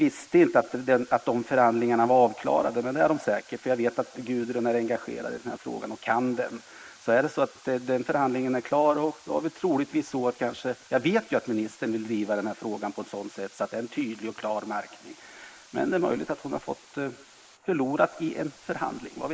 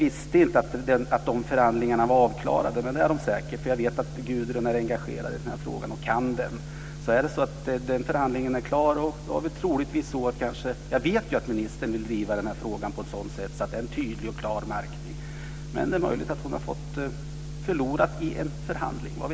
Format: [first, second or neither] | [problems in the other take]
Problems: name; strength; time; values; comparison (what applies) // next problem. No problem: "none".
second | noise reduction (neural mask model Resemble Enhance denoiser)